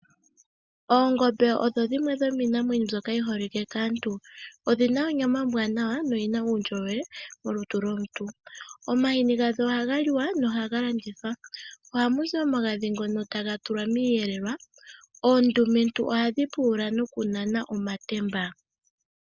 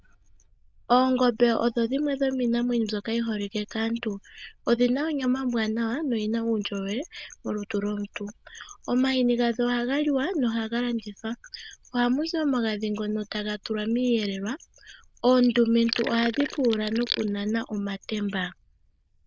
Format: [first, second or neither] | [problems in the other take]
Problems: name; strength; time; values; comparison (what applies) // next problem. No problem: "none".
first | noise reduction (neural diffusion model UNIVERSE++)